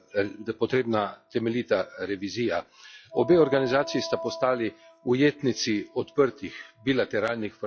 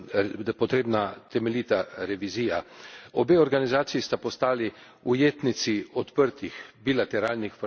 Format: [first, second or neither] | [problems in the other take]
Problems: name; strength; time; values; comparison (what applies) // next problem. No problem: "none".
second | noise reduction (classical method log-MMSE)